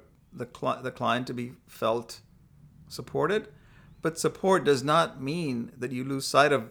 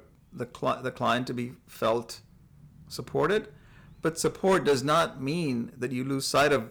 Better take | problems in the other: first | distortion; slight; 3% of the sound clipped

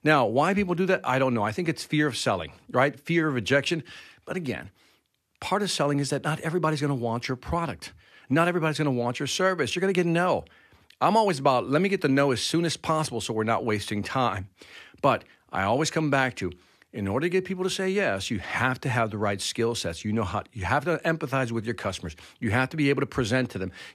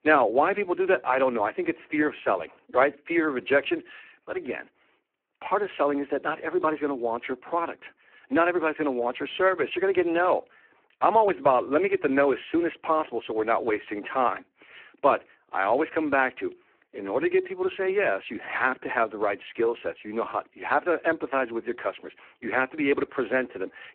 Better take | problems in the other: first | phone-call audio; poor line

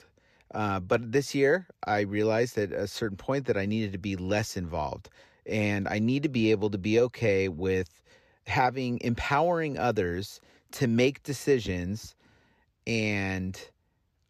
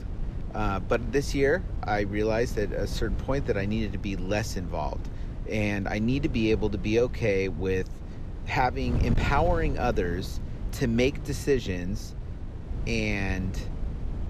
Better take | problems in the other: first | wind noise on the microphone; occasional gusts; 15 dB below the speech

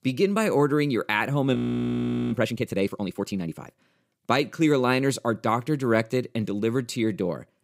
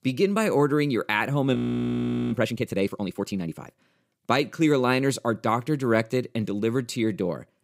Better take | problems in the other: neither | audio freezing; at 1.5 s for 1 s; the same in both

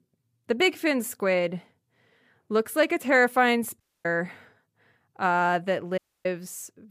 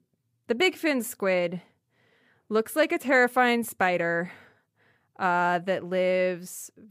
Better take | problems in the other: second | audio cutting out; at 4 s and at 6 s

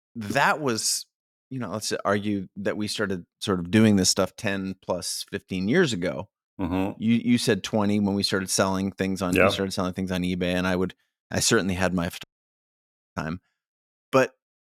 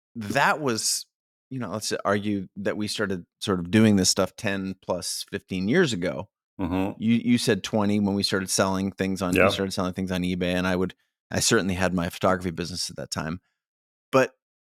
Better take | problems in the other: second | audio cutting out; at 12 s for 1 s

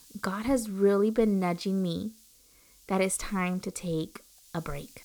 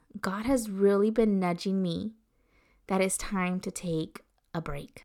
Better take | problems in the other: second | hiss; faint; throughout; 25 dB below the speech

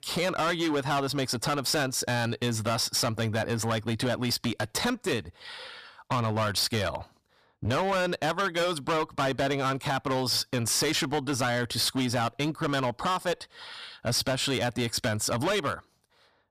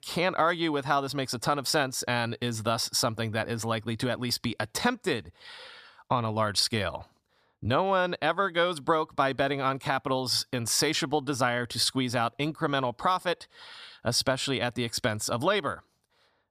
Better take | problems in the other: second | distortion; heavy; 16% of the sound clipped

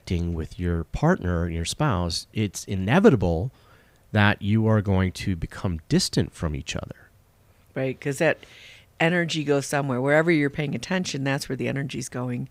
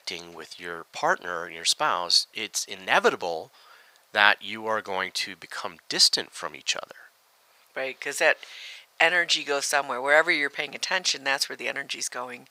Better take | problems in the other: first | thin; very; fading below 850 Hz

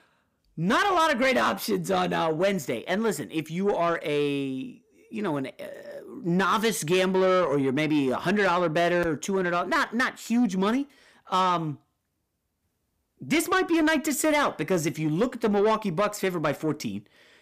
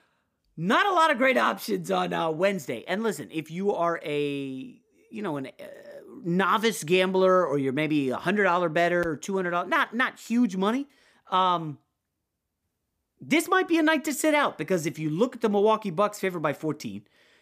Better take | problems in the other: second | distortion; slight; 10 dB below the speech

